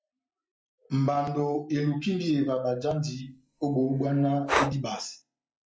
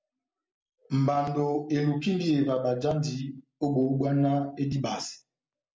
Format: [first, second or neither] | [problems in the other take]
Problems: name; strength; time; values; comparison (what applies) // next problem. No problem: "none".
second | noise reduction (classical method log-MMSE)